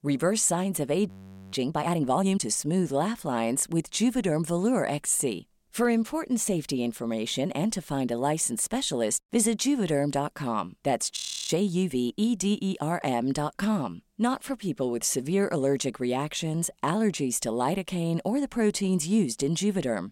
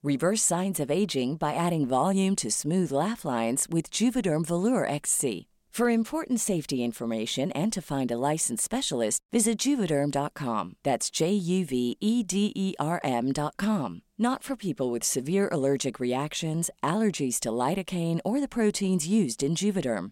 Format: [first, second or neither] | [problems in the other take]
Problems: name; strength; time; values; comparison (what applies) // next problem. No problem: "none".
second | audio freezing; at 1 s and at 11 s